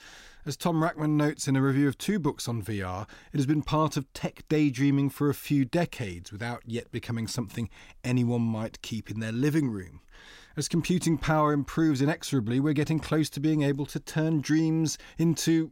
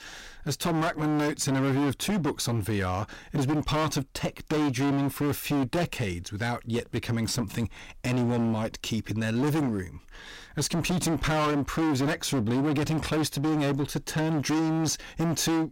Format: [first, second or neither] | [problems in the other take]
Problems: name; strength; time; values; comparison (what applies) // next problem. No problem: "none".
first | distortion; heavy; 26% of the sound clipped